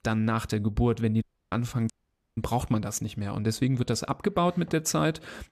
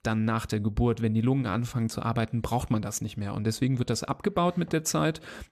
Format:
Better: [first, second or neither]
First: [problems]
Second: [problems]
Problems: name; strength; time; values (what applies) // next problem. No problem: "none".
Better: second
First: audio cutting out; at 1 s and at 2 s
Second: none